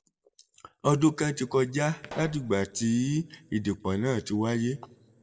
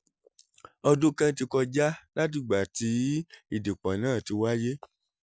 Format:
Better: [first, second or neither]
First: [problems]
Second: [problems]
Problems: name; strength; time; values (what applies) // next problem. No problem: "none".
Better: second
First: background sound (Explosion); 19 dB below the speech // room echo; dies away in 0.4 s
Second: none